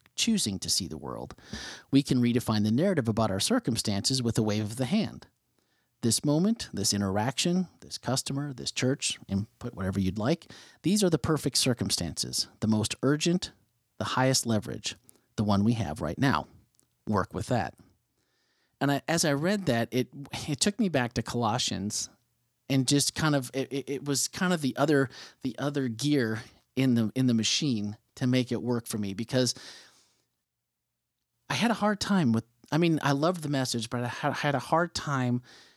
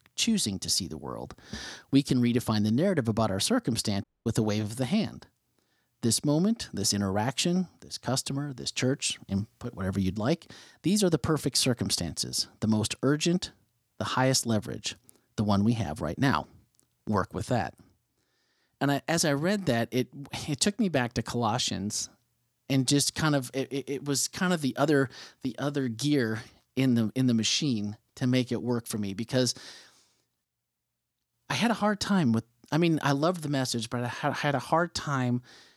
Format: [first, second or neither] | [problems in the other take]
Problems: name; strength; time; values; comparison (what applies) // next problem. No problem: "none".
first | audio cutting out; at 4 s